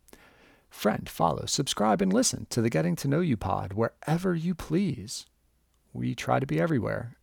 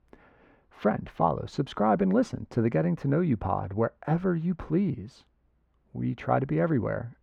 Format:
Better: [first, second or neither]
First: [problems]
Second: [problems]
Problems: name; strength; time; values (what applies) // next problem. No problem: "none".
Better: first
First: none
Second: muffled; very; fading above 4 kHz